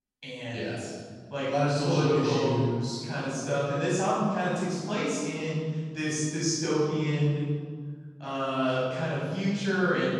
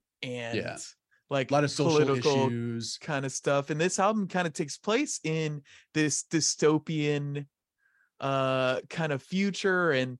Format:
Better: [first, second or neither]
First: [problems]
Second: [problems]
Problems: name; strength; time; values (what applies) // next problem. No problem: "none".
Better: second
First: room echo; strong; dies away in 1.8 s // off-mic speech; far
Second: none